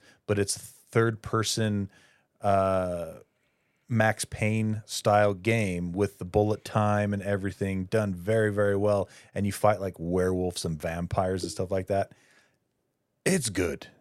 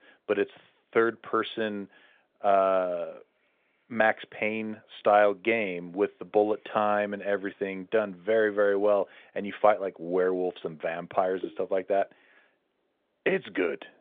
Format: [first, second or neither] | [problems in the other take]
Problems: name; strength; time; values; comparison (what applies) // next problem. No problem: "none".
first | phone-call audio; nothing above 3.5 kHz